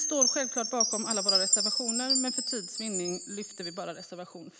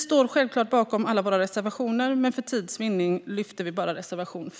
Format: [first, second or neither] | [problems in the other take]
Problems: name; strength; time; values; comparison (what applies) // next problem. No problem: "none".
second | background sound (Chime); 5 dB above the speech